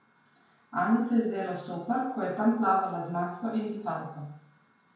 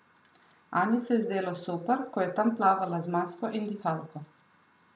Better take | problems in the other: second | room echo; dies away in 0.5 s

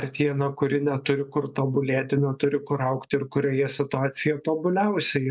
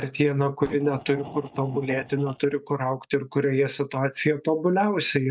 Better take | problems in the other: first | noise reduction (neural mask model DeepFilterNet 3)

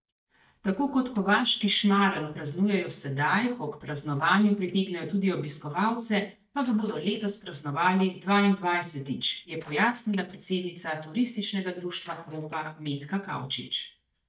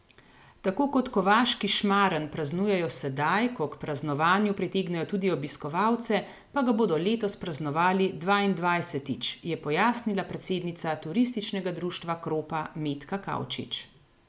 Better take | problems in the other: second | noise reduction (neural mask model DeepFilterNet 3)

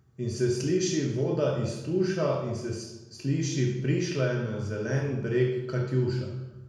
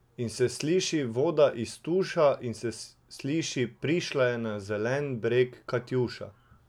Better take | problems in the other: second | room echo; dies away in 1 s

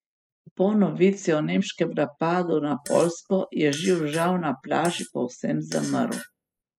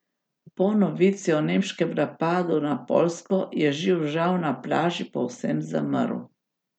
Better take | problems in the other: second | noise reduction (classical method spectral subtraction)

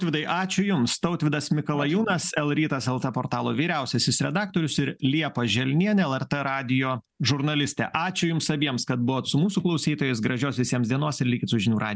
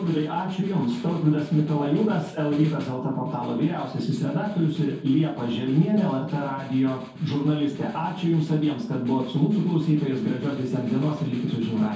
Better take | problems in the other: first | background sound (Snare drum); 17 dB below the speech // room echo; dies away in 0.6 s

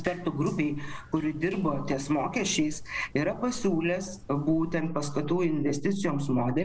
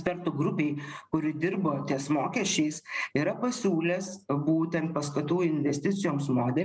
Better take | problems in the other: second | background sound (Drip); 12 dB below the speech

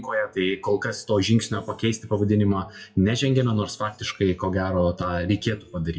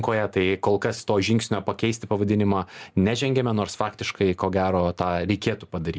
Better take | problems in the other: second | noise reduction (classical method WPE with log-MMSE)

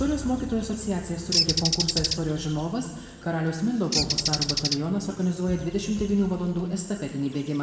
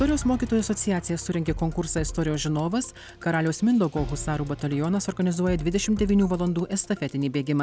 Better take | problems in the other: second | background sound (Bird); 5 dB below the speech // room echo; dies away in 1.5 s

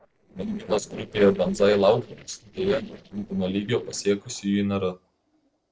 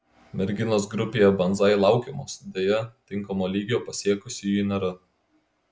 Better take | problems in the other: second | noise reduction (neural separator model SepFormer DNS4)

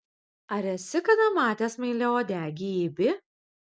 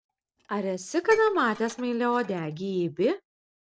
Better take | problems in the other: first | noise reduction (neural separator model SepFormer DNS4)

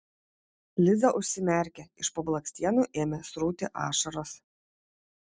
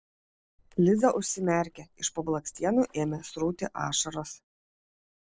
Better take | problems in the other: first | noise reduction (neural separator model SepFormer DNS4)

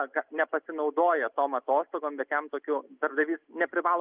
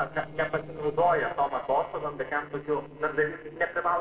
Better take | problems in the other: first | noise reduction (neural separator model SepFormer DNS4)

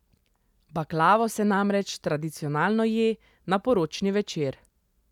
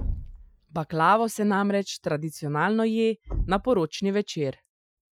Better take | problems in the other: first | noise reduction (classical method Wiener filter)

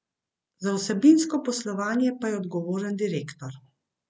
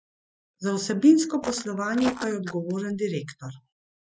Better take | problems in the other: first | noise reduction (classical method Wiener filter)

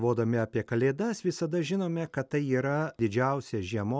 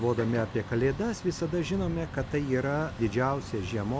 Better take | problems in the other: first | background sound (Truck); 10 dB below the speech

